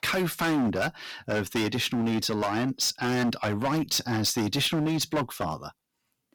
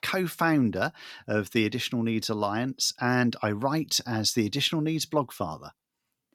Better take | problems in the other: second | distortion; heavy; 18% of the sound clipped

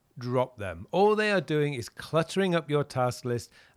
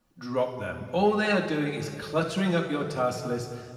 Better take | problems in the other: first | room echo; noticeable; dies away in 1.8 s // off-mic speech; somewhat distant

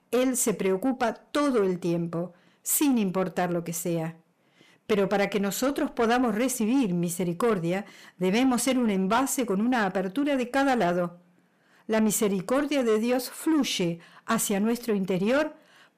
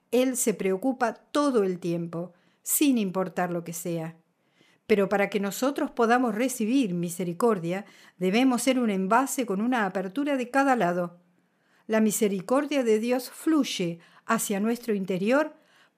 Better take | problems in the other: second | distortion; slight; 10 dB below the speech

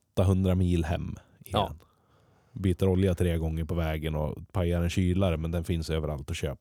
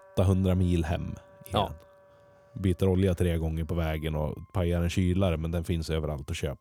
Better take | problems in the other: first | background music; faint; throughout; 30 dB below the speech

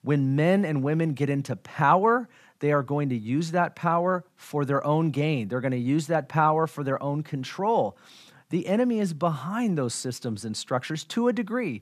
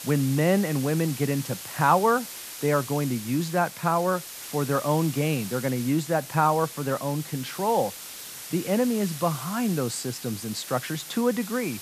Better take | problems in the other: first | hiss; noticeable; throughout; 10 dB below the speech

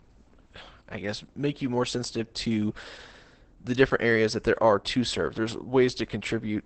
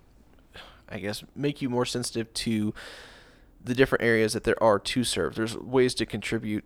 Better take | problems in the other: second | garbled, watery; badly; nothing above 8 kHz

